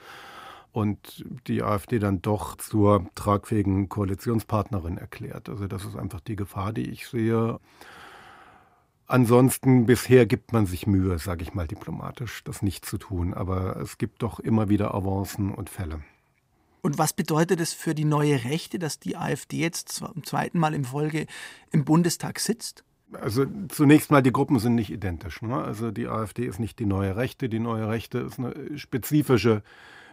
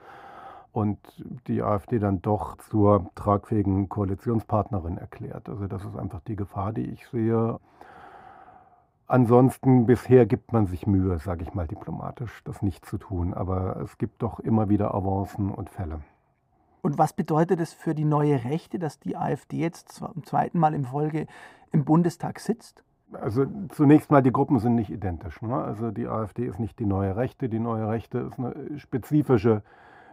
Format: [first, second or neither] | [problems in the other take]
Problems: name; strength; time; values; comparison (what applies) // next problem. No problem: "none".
first | muffled; very; fading above 2 kHz